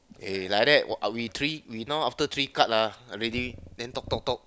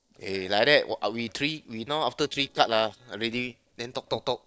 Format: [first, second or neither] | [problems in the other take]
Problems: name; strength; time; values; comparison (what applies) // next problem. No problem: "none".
first | noise reduction (neural separator model SepFormer DNS4)